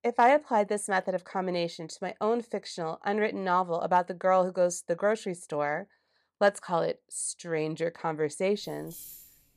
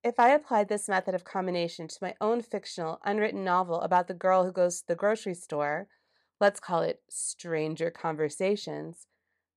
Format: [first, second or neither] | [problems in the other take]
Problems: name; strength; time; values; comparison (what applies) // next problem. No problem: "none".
second | jangling keys; faint; at 8.5 s; peak 15 dB below the speech